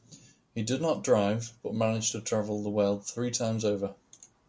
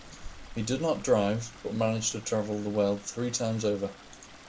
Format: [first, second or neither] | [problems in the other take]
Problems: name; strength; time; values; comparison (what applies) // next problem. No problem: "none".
first | background sound (Stream); 17 dB below the speech